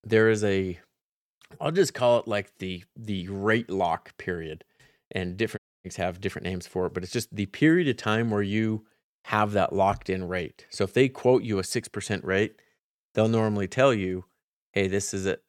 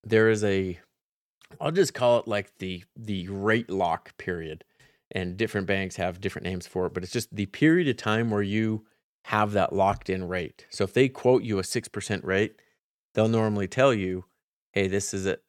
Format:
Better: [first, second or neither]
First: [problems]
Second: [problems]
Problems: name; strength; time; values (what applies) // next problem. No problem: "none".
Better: second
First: audio cutting out; at 5.5 s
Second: none